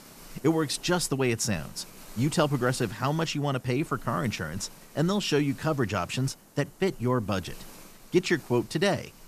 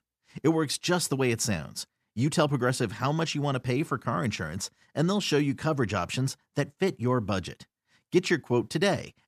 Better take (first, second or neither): second